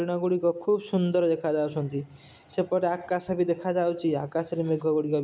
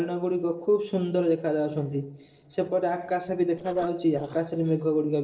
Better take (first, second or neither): first